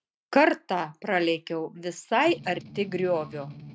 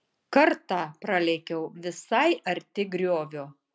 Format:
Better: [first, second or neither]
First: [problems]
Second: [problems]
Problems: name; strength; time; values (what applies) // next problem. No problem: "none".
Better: second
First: noise reduction (neural mask model RNNoise)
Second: none